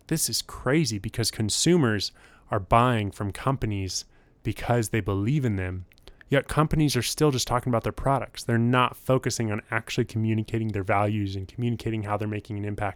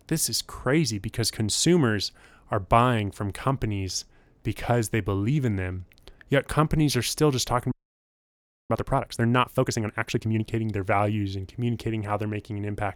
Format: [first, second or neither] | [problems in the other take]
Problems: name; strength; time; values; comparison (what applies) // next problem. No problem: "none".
first | audio freezing; at 7.5 s for 1 s